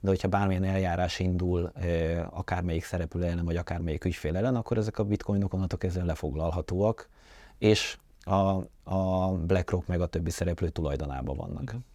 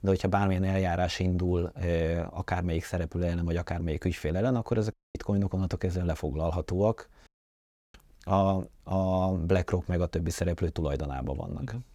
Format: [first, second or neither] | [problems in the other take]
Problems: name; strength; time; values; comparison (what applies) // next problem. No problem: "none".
first | audio cutting out; at 5 s and at 7.5 s for 0.5 s